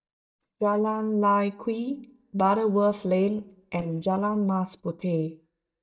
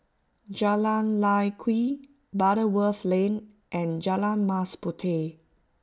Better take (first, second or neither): second